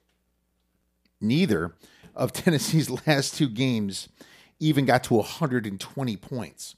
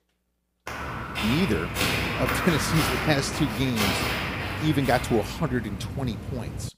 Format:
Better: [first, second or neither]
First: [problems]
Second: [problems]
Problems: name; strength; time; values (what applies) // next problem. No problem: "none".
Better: first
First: none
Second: footsteps; loud; from 0.5 s on; peak 3 dB above the speech